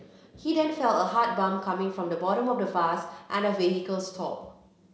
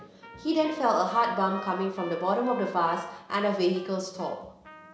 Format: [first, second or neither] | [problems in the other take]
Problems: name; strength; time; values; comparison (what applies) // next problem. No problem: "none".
first | background sound (Trumpet); 19 dB below the speech